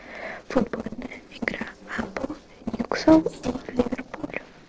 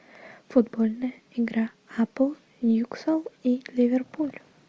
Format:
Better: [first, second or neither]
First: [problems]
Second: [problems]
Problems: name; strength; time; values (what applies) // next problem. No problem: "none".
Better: second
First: noise reduction (neural separator model SepFormer DNS4)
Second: none